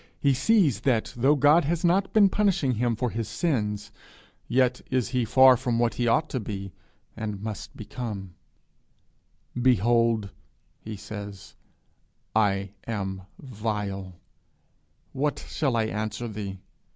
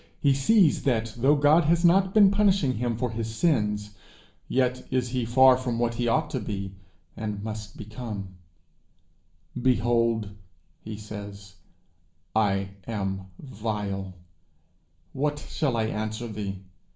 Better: first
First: none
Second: room echo; dies away in 0.4 s

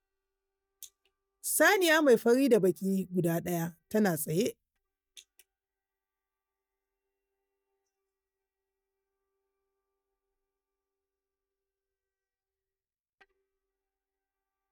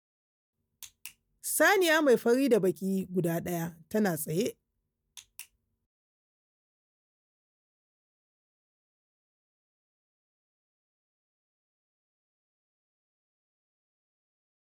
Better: second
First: noise reduction (neural mask model DeepFilterNet 3)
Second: none

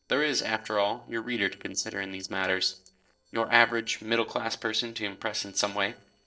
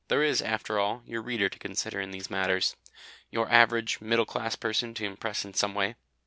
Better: second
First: noise reduction (neural separator model SepFormer DNS4)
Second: none

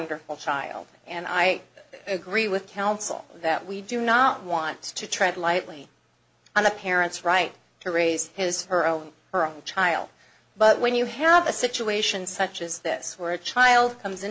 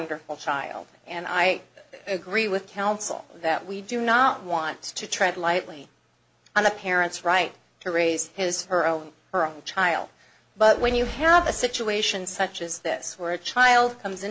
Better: first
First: none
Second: background sound (Boom); 16 dB below the speech

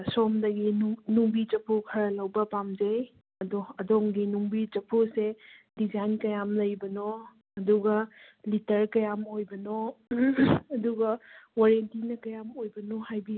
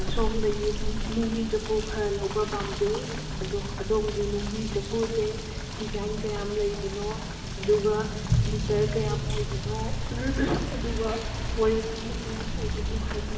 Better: first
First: none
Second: background sound (Motor vehicle (road) / Rain); as loud as the speech // room echo; dies away in 1.2 s

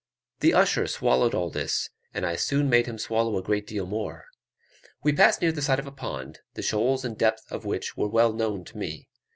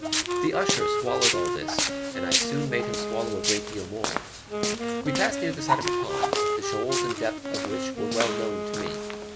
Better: first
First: none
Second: background sound (Walk, footsteps + Wind instrument, woodwind instrument); 4 dB above the speech

